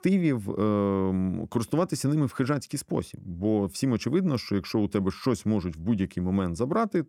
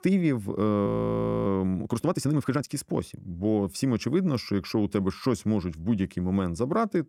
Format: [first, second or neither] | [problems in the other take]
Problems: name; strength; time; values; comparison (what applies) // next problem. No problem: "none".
first | audio freezing; at 1 s for 0.5 s